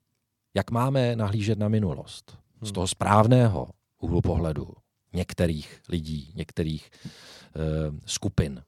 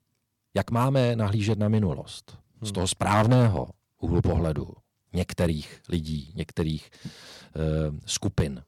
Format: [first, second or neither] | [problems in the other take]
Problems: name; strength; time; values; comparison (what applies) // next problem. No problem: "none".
first | distortion; slight; 2% of the sound clipped